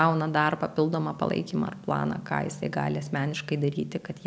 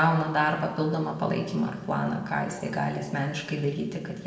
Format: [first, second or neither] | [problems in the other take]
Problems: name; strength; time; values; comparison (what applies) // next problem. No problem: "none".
first | room echo; dies away in 1.2 s